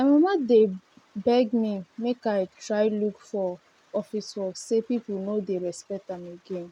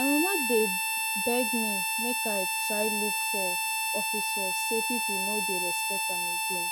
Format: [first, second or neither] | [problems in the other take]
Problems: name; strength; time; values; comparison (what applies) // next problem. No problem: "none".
first | background sound (Harmonica); 4 dB above the speech